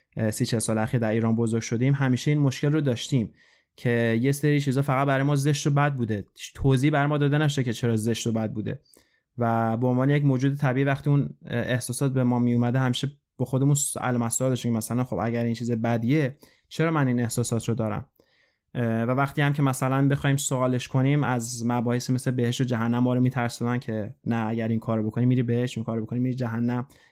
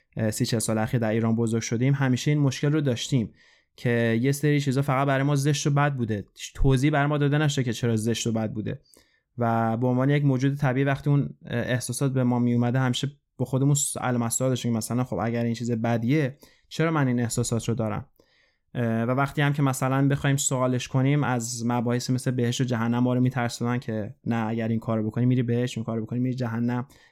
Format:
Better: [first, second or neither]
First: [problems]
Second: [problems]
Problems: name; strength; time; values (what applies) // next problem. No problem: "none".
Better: second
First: garbled, watery; slightly; nothing above 16.5 kHz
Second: none